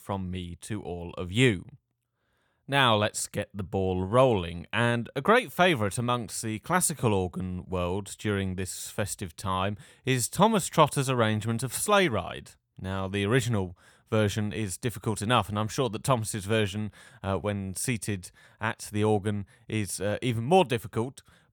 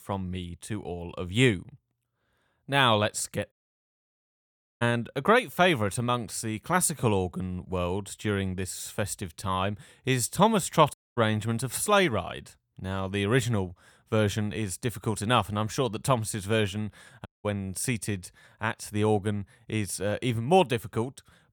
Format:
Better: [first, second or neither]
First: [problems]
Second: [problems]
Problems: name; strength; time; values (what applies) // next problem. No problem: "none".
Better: first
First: none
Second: audio cutting out; at 3.5 s for 1.5 s, at 11 s and at 17 s